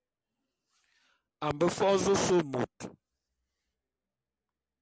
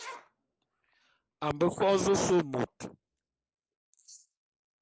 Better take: first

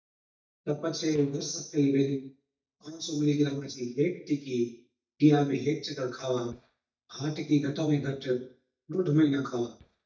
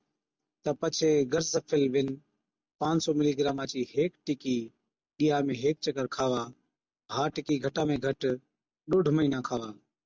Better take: second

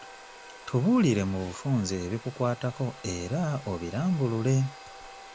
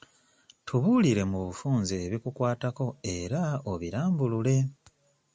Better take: second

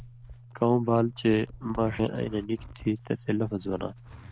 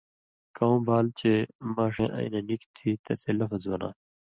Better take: second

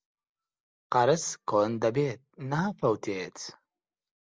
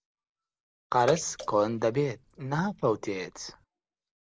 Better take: first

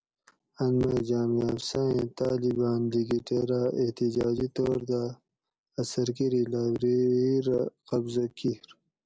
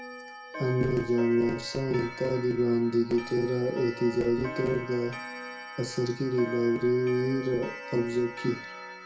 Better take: first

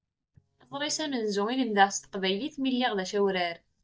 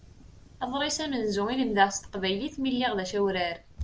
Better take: second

